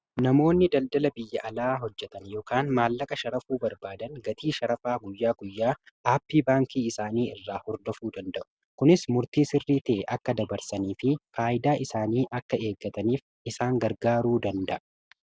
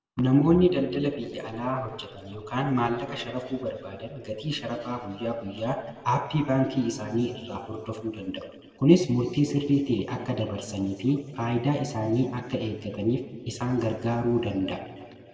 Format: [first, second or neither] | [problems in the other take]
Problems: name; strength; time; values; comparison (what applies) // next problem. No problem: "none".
first | room echo; dies away in 2 s